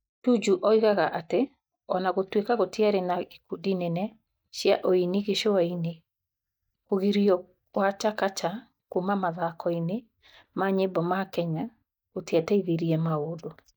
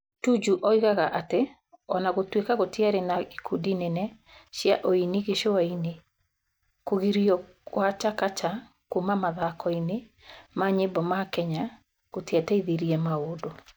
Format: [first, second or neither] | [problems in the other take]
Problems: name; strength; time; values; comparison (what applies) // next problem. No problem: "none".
second | noise reduction (neural mask model DeepFilterNet 3)